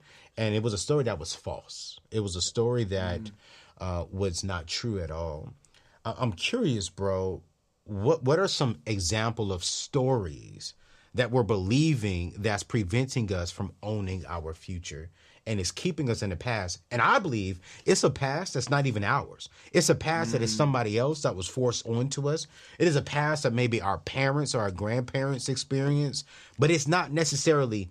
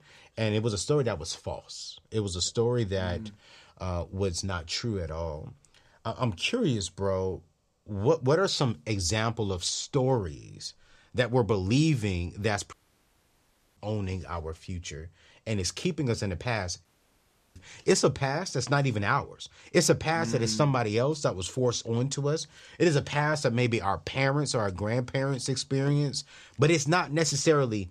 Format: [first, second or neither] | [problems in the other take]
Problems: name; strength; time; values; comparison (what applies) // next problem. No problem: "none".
first | audio cutting out; at 13 s for 1 s and at 17 s for 0.5 s